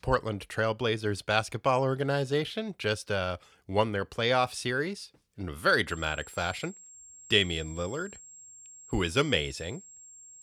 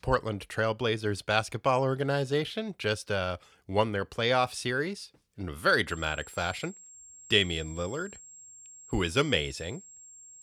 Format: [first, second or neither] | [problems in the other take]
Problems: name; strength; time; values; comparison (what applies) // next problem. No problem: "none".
neither | high-pitched whine; noticeable; from 6 s on; 7.5 kHz, 20 dB below the speech; the same in both